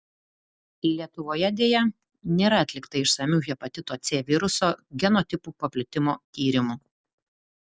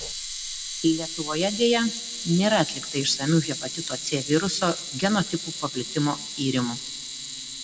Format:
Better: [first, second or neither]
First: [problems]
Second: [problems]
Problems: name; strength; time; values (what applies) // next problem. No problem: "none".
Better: first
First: none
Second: background sound (Camera); 8 dB below the speech // room echo; dies away in 2.1 s